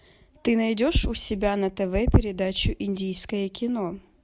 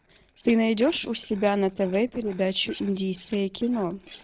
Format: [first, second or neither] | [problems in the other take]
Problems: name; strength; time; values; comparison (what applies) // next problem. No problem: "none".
first | noise reduction (neural separator model SepFormer DNS4)